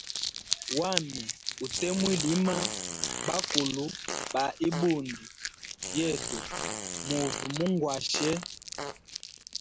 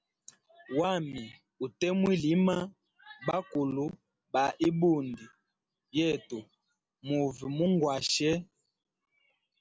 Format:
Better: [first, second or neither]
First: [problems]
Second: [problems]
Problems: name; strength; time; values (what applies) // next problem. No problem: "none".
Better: second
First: background sound (Fart + Crumpling, crinkling); 3 dB below the speech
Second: none